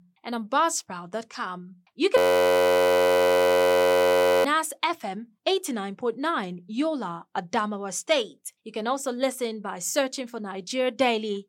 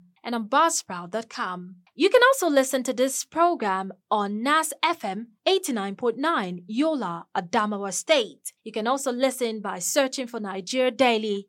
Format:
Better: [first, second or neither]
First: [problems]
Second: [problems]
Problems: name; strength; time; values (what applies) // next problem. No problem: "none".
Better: second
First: audio freezing; at 2 s for 2.5 s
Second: none